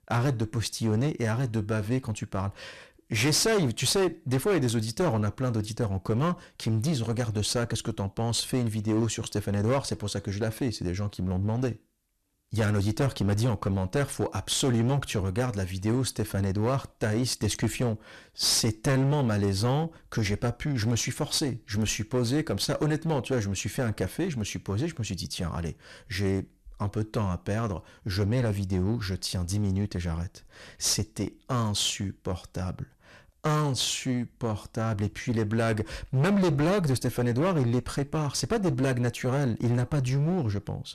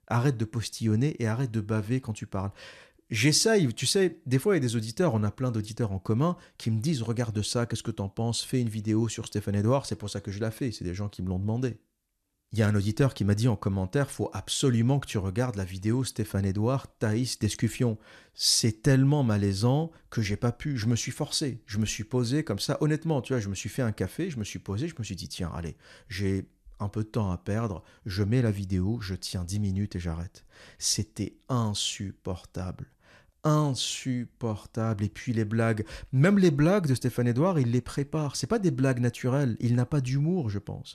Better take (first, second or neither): second